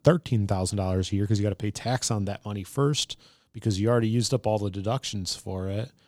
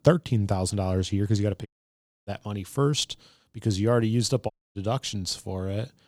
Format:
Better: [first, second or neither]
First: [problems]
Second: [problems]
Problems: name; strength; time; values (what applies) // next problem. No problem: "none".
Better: first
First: none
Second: audio cutting out; at 1.5 s for 0.5 s and at 4.5 s